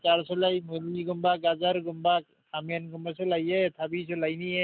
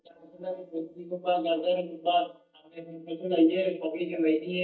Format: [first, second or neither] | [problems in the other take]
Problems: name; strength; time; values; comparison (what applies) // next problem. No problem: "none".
first | noise reduction (neural mask model DeepFilterNet 3)